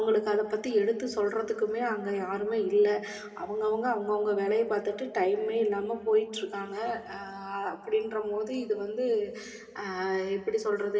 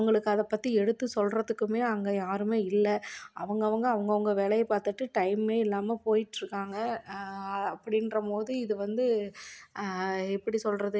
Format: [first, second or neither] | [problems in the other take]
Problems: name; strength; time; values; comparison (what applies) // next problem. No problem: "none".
second | room echo; dies away in 2.2 s